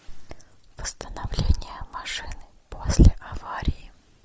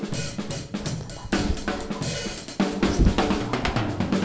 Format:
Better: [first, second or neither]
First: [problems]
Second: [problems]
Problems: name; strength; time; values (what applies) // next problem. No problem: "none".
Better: first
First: none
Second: background sound (Drum / Drum kit); 3 dB above the speech // room echo; dies away in 0.9 s